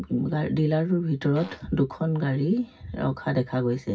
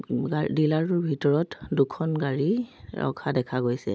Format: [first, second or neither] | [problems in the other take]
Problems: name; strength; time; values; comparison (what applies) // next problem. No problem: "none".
second | background sound (Fart); 17 dB below the speech // room echo; dies away in 0.4 s